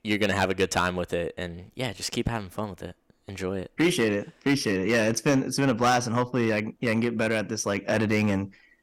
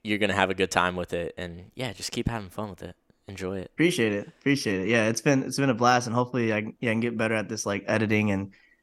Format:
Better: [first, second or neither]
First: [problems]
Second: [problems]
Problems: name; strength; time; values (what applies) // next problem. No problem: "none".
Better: second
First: distortion; slight; 3% of the sound clipped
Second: none